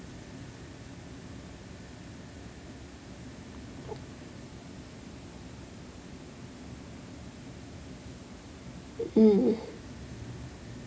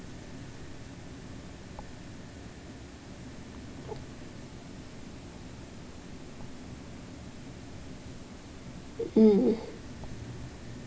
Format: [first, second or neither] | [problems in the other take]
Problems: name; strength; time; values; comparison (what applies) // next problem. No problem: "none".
first | background sound (Writing); 15 dB below the speech